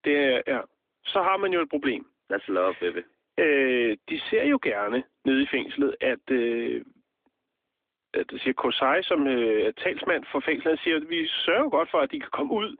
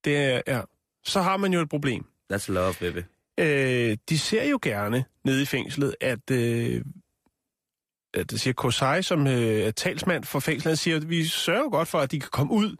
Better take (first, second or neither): second